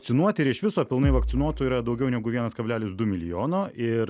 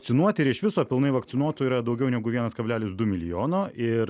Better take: second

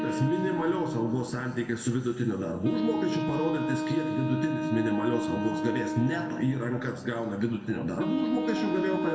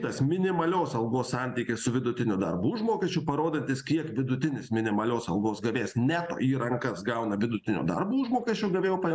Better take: second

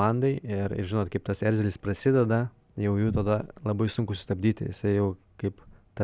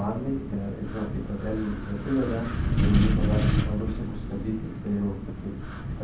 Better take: first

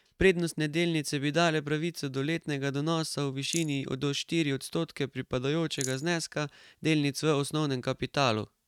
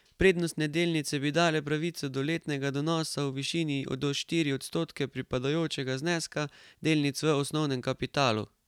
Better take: second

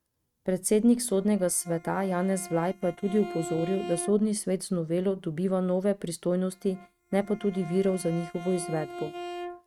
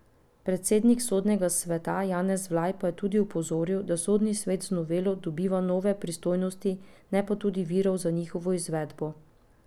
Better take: second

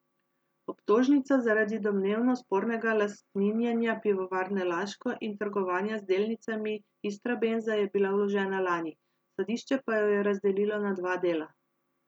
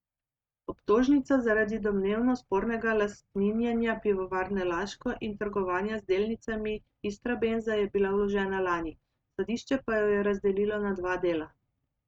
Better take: first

